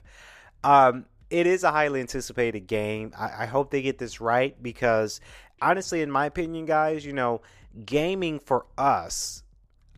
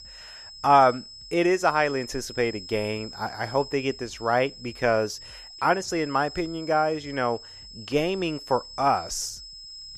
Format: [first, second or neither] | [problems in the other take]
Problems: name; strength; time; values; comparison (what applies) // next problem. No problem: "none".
first | high-pitched whine; noticeable; throughout; 5 kHz, 15 dB below the speech